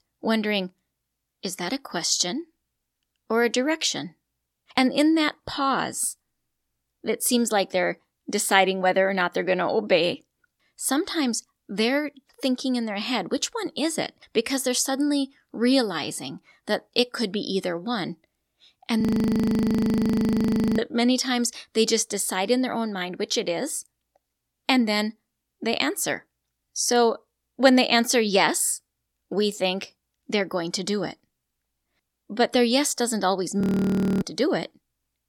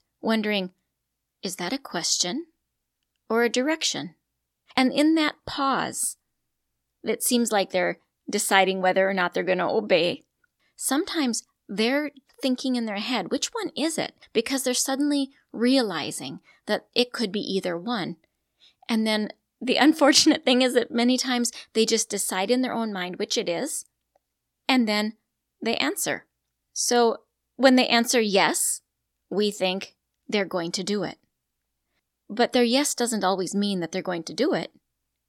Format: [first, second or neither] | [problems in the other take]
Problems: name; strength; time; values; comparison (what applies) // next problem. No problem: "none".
second | audio freezing; at 19 s for 2 s and at 34 s for 0.5 s